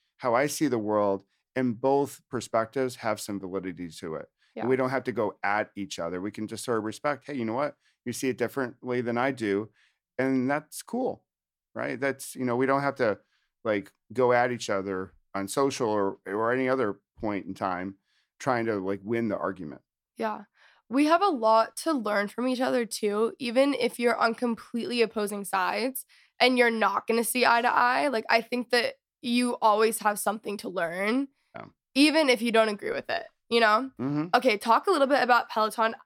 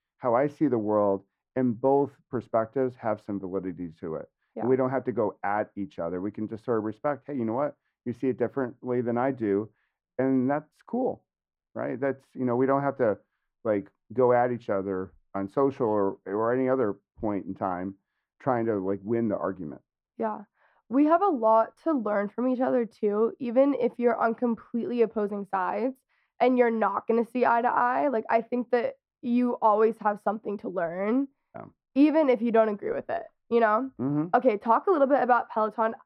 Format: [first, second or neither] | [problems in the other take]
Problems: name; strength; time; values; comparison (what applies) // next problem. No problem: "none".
first | muffled; very; fading above 3 kHz